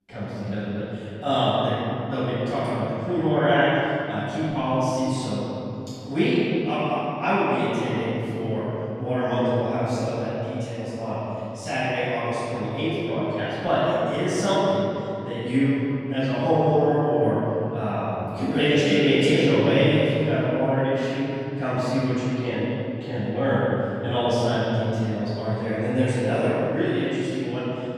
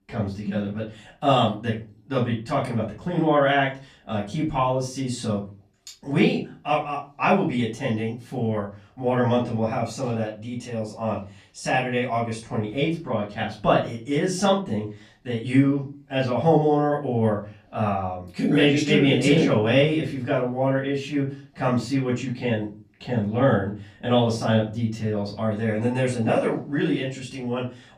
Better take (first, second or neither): second